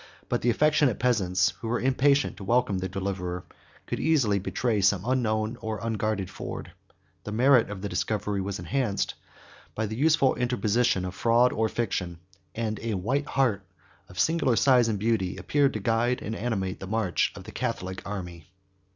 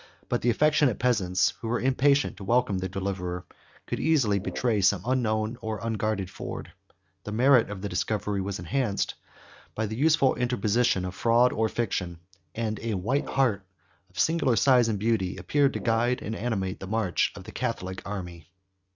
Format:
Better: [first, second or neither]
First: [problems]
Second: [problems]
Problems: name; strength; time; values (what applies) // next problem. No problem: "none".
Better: first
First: none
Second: noise reduction (neural mask model RNNoise)